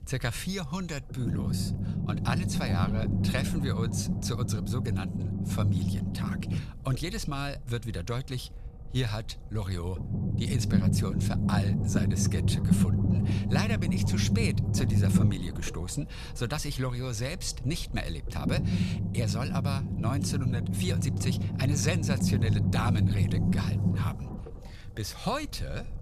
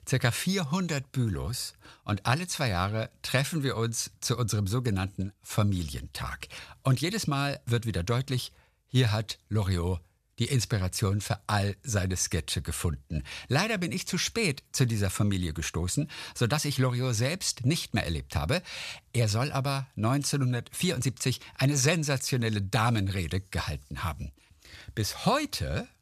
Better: second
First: low rumble; loud; throughout; 2 dB below the speech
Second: none

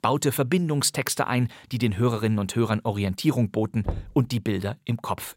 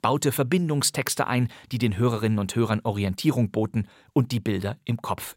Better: second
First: door banging; noticeable; at 4 s; peak 8 dB below the speech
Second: none

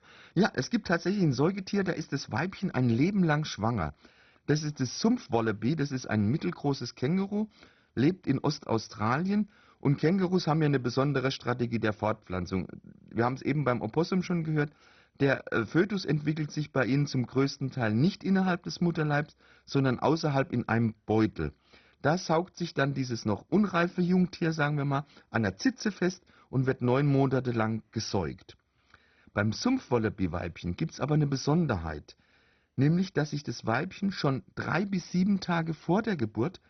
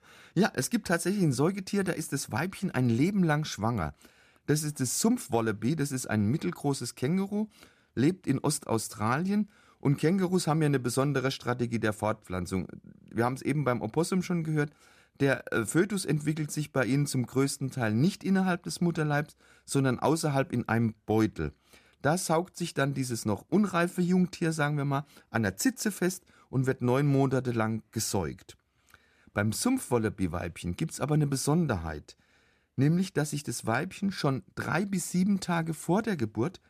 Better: second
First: garbled, watery; badly; nothing above 6 kHz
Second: none

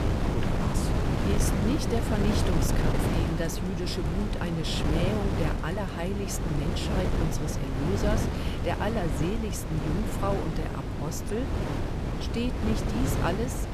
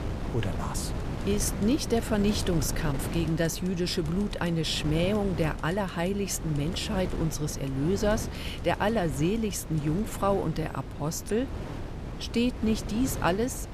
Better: second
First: wind noise on the microphone; heavy; as loud as the speech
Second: wind noise on the microphone; occasional gusts; 10 dB below the speech

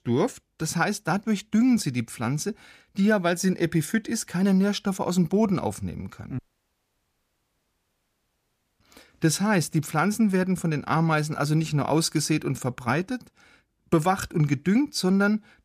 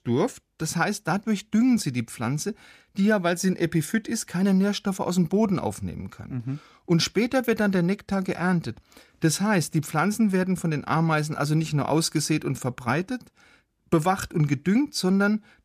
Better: second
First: audio cutting out; at 6.5 s for 2.5 s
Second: none

